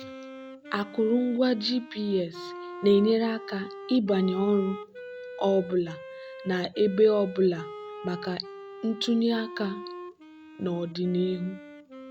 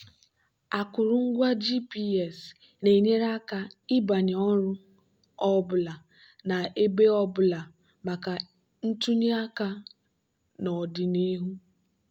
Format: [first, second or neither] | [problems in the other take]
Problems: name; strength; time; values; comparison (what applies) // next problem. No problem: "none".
second | background sound (Wind instrument, woodwind instrument); 14 dB below the speech